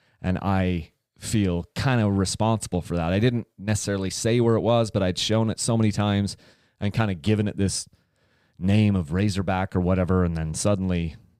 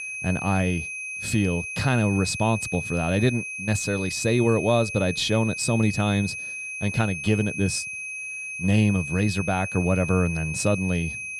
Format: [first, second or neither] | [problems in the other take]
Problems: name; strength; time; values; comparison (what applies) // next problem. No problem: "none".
first | high-pitched whine; loud; throughout; 2.5 kHz, 6 dB below the speech